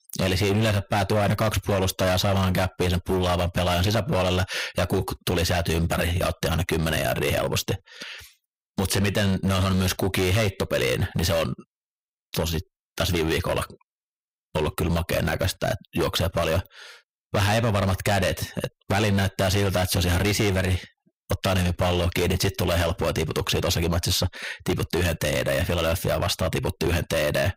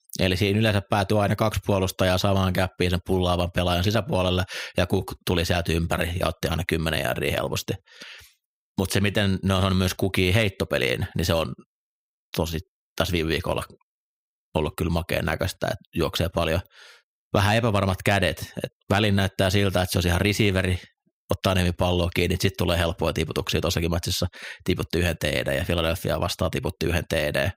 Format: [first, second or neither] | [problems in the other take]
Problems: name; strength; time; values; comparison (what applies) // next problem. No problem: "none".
second | distortion; heavy; 15% of the sound clipped